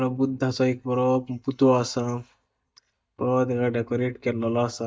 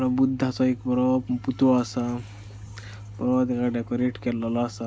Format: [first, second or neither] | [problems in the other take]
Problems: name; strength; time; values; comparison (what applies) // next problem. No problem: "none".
second | noise reduction (neural mask model DeepFilterNet 3)